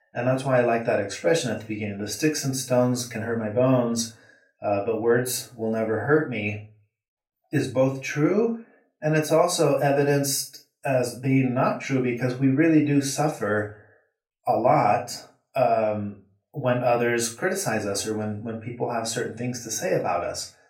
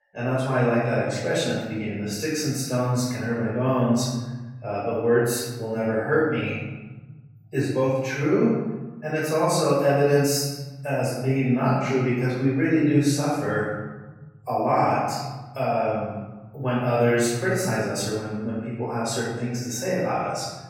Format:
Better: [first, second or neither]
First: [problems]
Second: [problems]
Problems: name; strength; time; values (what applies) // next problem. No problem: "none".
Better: first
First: room echo; slight; dies away in 0.3 s // off-mic speech; far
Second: room echo; strong; dies away in 1.7 s // off-mic speech; far